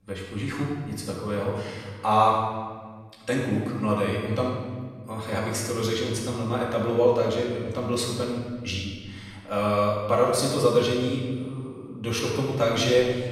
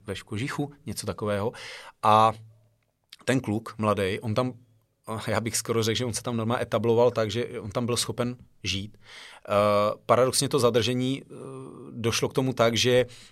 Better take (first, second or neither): second